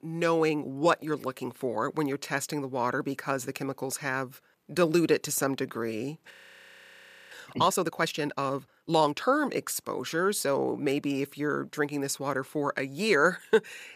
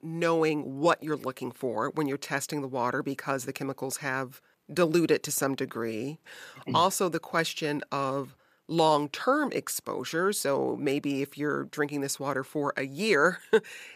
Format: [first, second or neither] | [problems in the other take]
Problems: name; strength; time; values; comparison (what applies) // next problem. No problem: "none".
second | audio freezing; at 6.5 s for 1 s